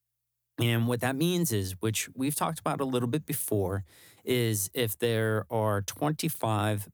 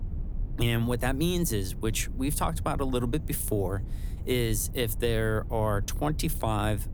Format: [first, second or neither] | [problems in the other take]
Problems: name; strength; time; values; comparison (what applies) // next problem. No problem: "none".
first | low rumble; faint; throughout; 20 dB below the speech